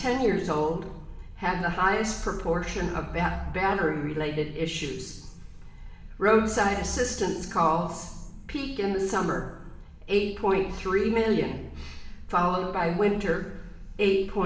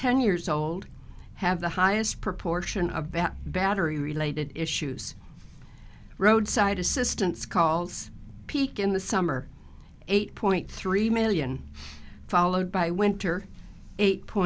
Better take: second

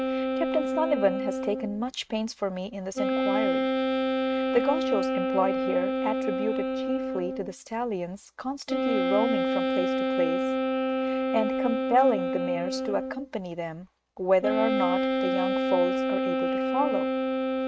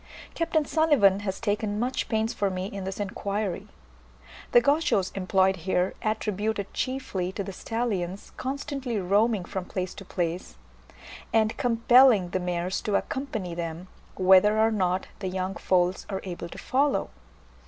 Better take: second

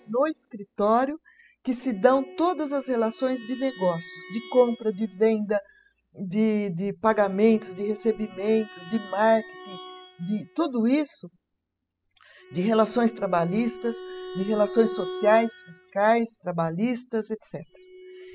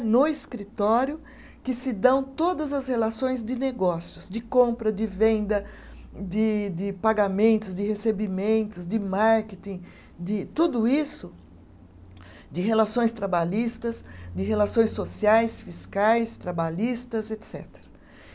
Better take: second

